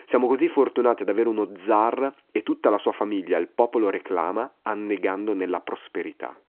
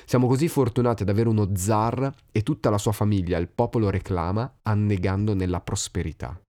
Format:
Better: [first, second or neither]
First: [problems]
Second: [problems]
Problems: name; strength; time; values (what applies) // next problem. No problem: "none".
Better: second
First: phone-call audio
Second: none